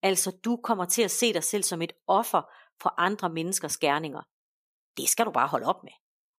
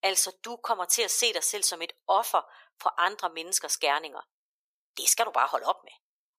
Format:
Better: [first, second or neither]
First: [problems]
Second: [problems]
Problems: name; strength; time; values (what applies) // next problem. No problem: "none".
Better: first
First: none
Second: thin; very; fading below 550 Hz